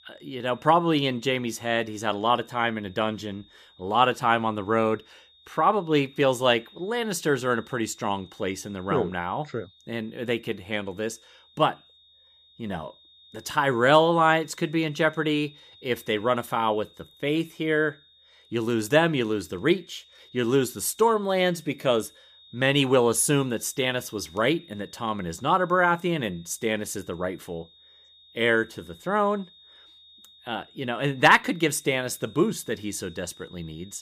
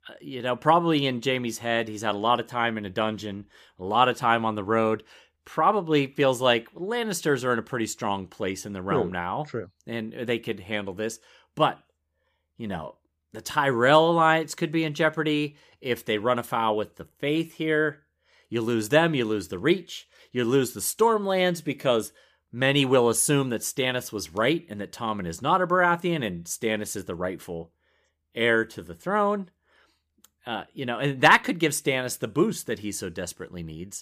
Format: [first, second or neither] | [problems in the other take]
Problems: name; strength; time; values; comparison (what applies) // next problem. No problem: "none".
second | high-pitched whine; faint; throughout; 3.5 kHz, 25 dB below the speech